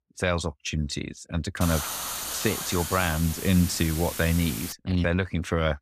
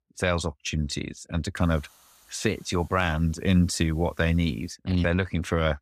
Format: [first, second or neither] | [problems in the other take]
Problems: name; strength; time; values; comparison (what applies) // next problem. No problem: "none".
second | hiss; loud; from 1.5 to 4.5 s; 5 dB below the speech; faint in the second